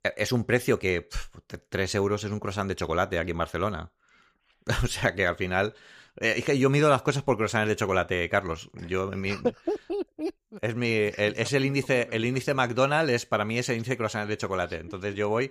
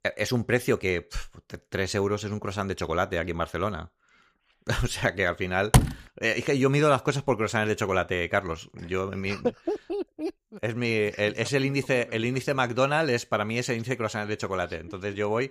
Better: first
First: none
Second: door banging; loud; at 5.5 s; peak 5 dB above the speech

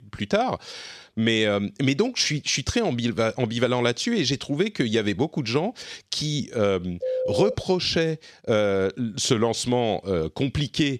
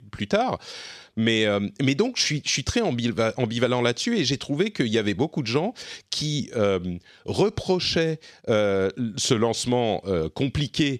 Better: second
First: phone ringing; noticeable; at 7 s; peak 2 dB below the speech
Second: none

